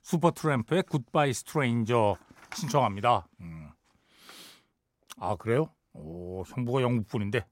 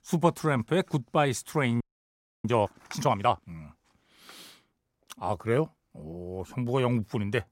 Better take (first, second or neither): first